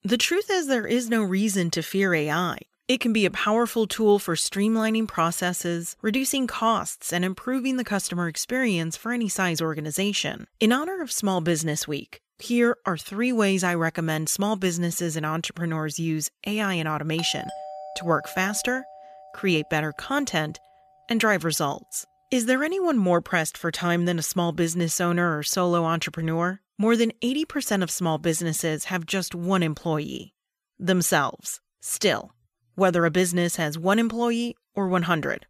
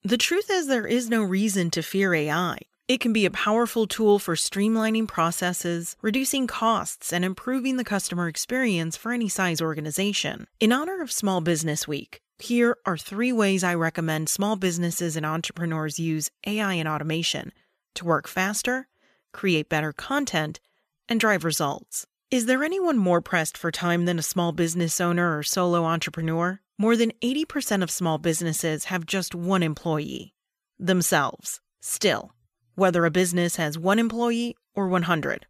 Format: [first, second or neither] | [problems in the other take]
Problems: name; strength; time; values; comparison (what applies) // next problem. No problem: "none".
second | doorbell; faint; from 17 to 20 s; peak 10 dB below the speech